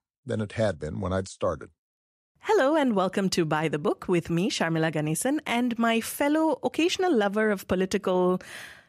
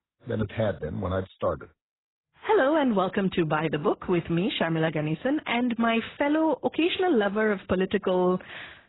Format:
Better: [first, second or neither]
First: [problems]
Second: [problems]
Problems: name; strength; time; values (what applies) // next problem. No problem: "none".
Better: first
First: none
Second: garbled, watery; badly; nothing above 4 kHz